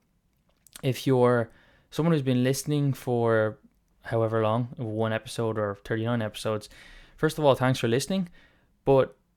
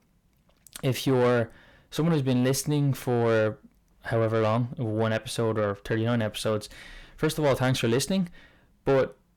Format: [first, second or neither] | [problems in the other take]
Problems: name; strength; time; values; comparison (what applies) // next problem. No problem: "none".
first | distortion; slight; 10 dB below the speech